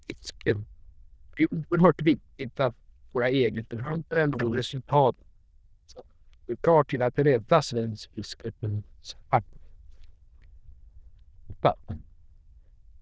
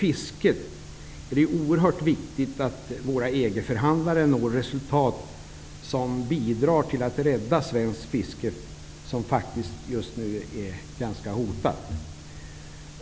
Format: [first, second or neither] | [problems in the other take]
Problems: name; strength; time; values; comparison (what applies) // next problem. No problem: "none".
second | noise reduction (neural diffusion model UNIVERSE++)